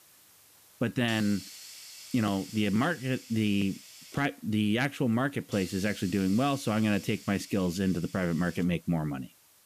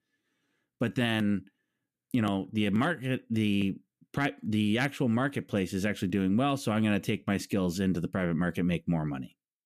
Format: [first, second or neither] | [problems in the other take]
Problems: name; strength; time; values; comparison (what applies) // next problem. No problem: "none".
second | hiss; noticeable; throughout; 15 dB below the speech